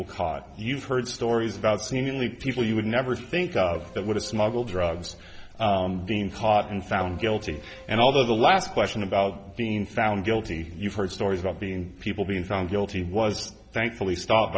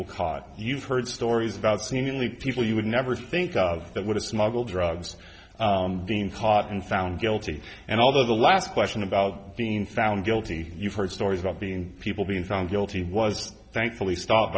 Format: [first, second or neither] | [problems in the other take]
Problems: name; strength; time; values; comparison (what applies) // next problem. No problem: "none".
second | background sound (Keyboard (musical)); 17 dB below the speech